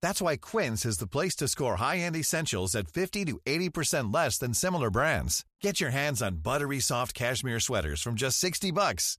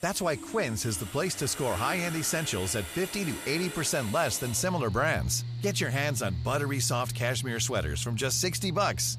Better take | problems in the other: first | machinery noise; loud; throughout; 8 dB below the speech

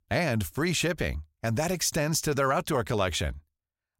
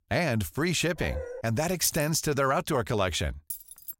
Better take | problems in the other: first | dog barking; faint; at 1 s; peak 10 dB below the speech // jangling keys; noticeable; at 2 s; peak 4 dB below the speech // jangling keys; faint; at 3.5 s; peak 10 dB below the speech

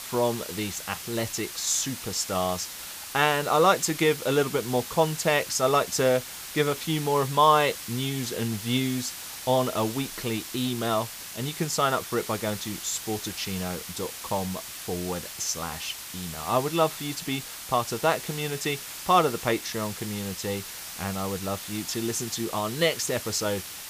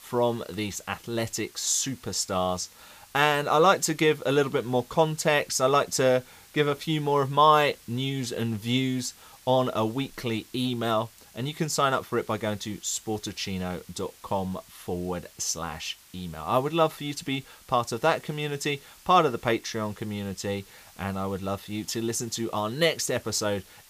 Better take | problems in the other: second | hiss; loud; throughout; 9 dB below the speech; faint in the second

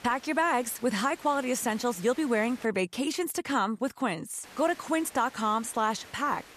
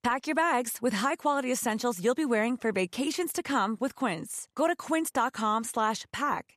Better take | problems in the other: second | hiss; faint; until 2.5 s and from 4.5 s on; 20 dB below the speech

